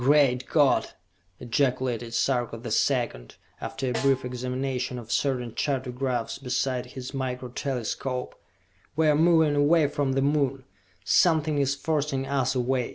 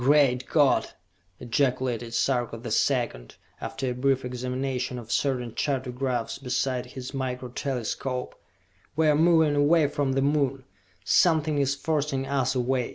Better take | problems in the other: second | background sound (Snare drum); 16 dB below the speech

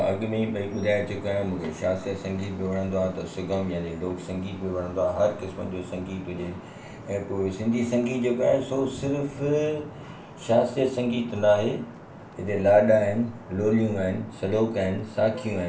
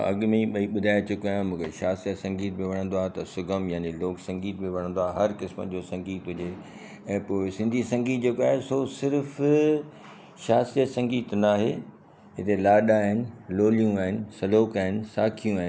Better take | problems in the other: second | background sound (Traffic noise, roadway noise / Vehicle horn, car horn, honking); 17 dB below the speech // room echo; dies away in 0.3 s

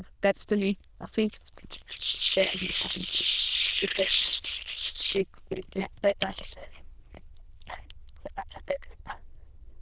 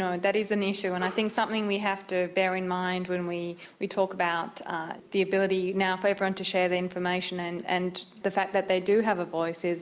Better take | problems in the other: second | noise reduction (neural diffusion model UNIVERSE++)

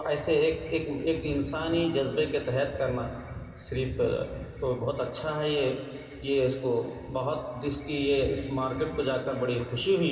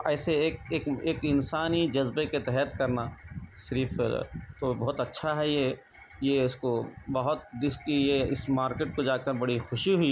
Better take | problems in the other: second | room echo; dies away in 2.5 s

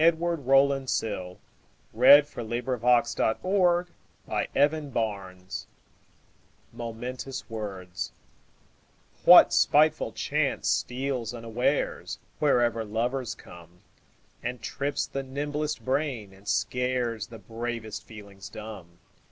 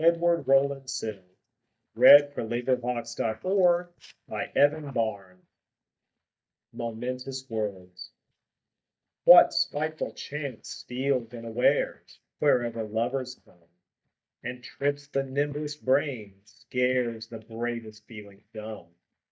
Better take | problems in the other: first | noise reduction (neural mask model DeepFilterNet 3)

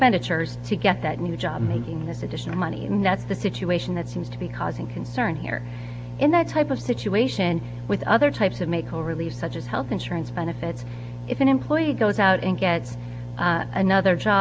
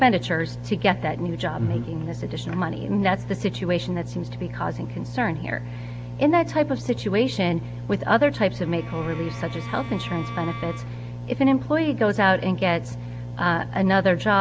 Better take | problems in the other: first | background sound (Bowed string instrument); 17 dB below the speech

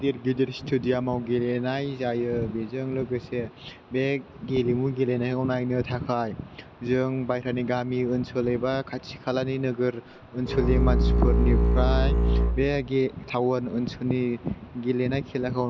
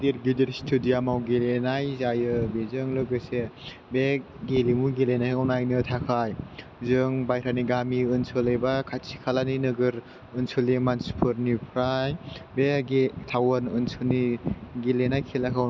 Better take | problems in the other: second | background sound (Bowed string instrument); 4 dB above the speech

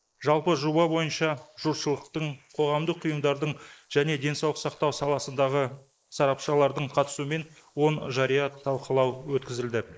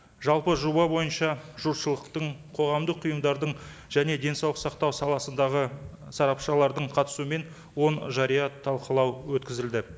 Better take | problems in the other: second | noise reduction (neural mask model Resemble Enhance denoiser)

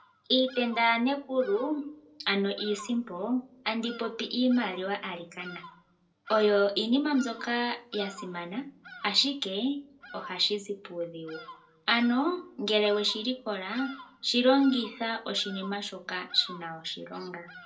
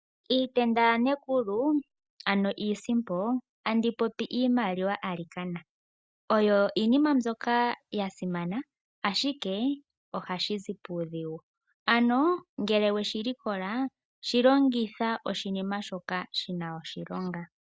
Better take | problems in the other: second | background sound (Bird vocalization, bird call, bird song); 19 dB below the speech // room echo; dies away in 0.2 s

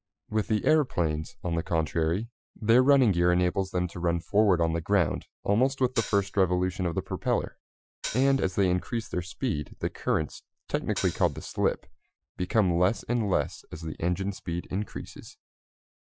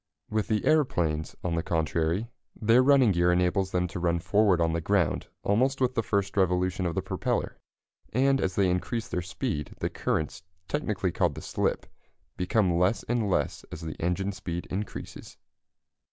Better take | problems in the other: second | noise reduction (classical method Wiener filter)

